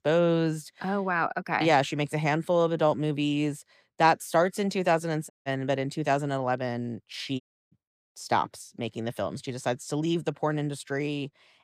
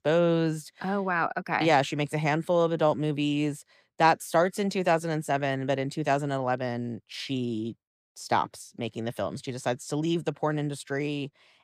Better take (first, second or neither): second